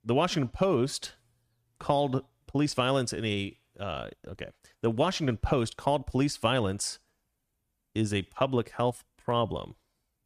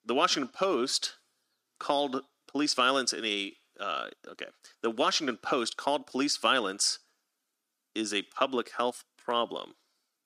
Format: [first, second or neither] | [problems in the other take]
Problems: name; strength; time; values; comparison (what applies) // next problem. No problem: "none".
first | thin; very slightly; fading below 250 Hz